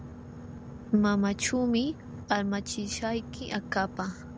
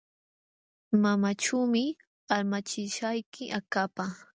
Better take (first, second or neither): second